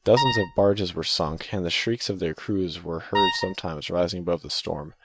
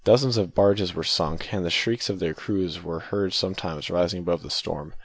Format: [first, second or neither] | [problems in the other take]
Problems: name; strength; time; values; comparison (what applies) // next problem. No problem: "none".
second | noise reduction (neural mask model RNNoise)